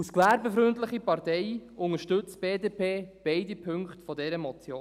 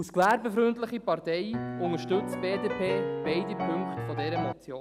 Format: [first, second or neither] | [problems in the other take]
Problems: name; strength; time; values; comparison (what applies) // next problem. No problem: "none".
first | background sound (Piano); 3 dB below the speech